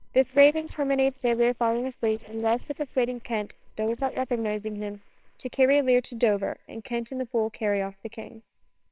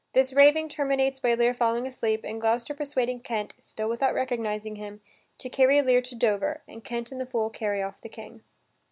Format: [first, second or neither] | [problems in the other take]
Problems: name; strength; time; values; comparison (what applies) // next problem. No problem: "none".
second | noise reduction (neural separator model SepFormer WHAMR!)